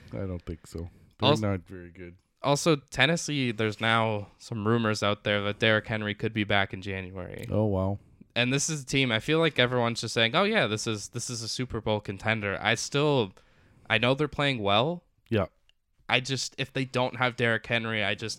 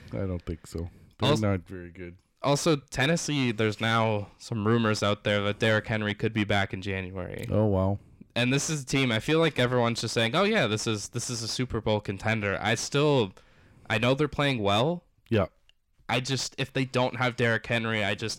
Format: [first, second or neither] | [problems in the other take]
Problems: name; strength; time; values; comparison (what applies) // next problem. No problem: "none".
first | distortion; slight; 10 dB below the speech